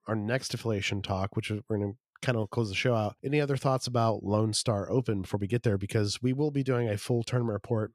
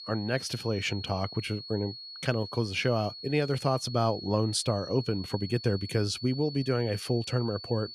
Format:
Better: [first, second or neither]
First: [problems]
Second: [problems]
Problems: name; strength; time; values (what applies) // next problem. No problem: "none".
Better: first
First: none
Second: high-pitched whine; noticeable; throughout; 4.5 kHz, 10 dB below the speech